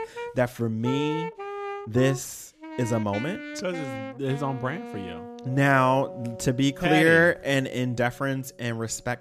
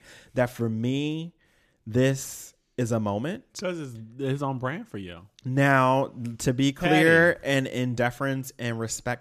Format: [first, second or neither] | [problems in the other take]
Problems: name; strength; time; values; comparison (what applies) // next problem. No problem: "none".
second | background music; noticeable; throughout; 10 dB below the speech